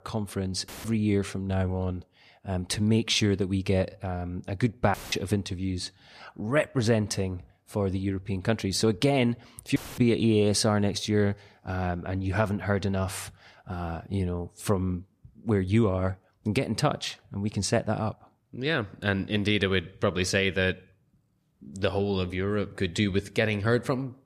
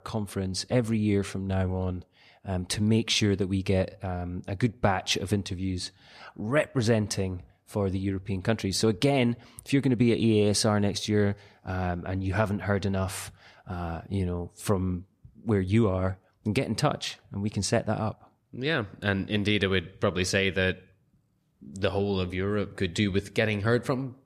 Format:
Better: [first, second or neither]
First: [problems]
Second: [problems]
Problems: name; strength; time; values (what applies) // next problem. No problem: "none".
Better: second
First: audio cutting out; filled with static; at 0.5 s, at 5 s and at 10 s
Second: none